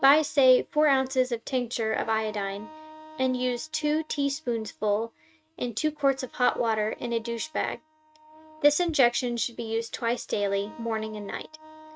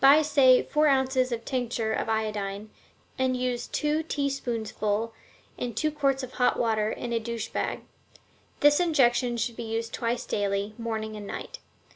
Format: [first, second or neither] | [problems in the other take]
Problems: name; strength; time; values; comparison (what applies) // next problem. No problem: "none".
second | noise reduction (neural mask model RNNoise)